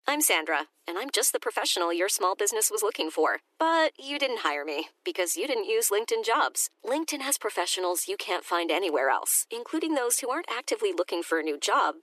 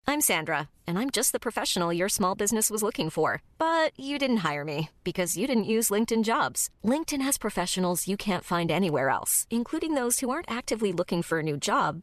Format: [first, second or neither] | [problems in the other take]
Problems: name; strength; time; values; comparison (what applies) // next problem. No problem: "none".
second | thin; very; fading below 300 Hz